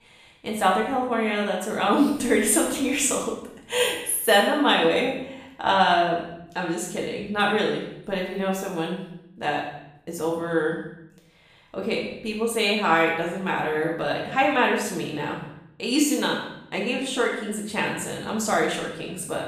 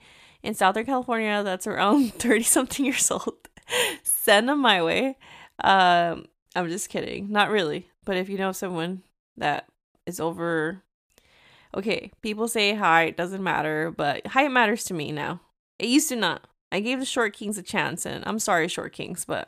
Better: second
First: room echo; noticeable; dies away in 0.8 s // off-mic speech; far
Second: none

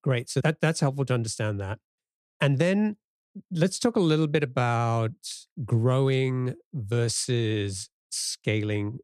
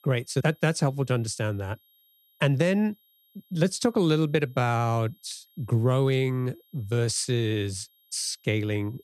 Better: first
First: none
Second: high-pitched whine; faint; throughout; 11.5 kHz, 35 dB below the speech

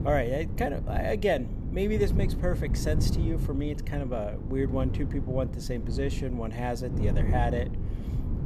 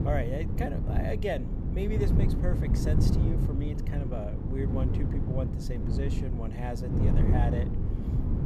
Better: first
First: wind noise on the microphone; occasional gusts; 10 dB below the speech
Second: wind noise on the microphone; heavy; 2 dB below the speech

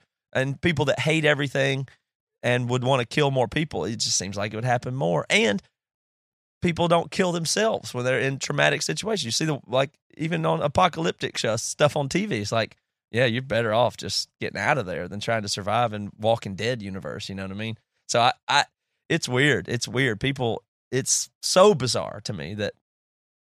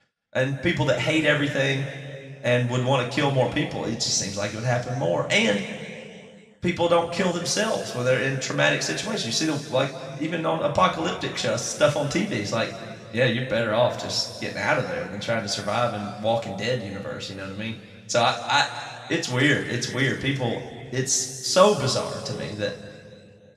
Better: first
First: none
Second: room echo; noticeable; dies away in 2.1 s // off-mic speech; somewhat distant

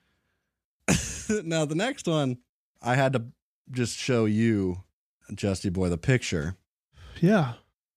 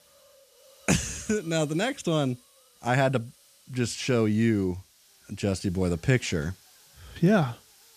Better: first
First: none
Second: hiss; faint; throughout; 25 dB below the speech

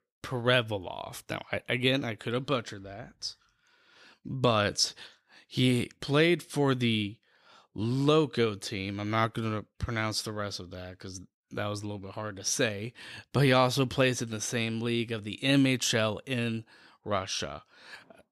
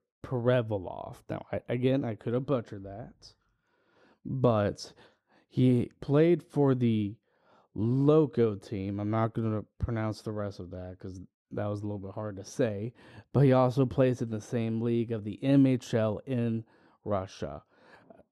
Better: first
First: none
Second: muffled; very; fading above 1.5 kHz

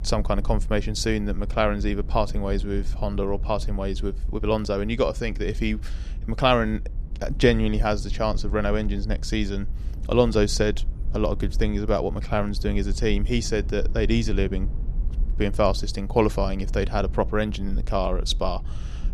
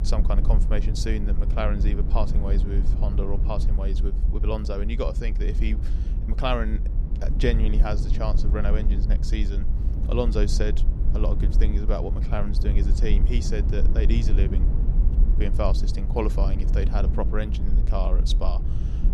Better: first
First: low rumble; faint; throughout; 25 dB below the speech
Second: low rumble; loud; throughout; 9 dB below the speech

